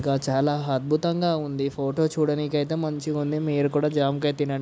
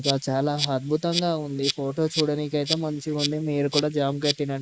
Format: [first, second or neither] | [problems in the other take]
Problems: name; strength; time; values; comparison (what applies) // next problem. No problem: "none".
first | noise reduction (neural mask model Resemble Enhance denoiser)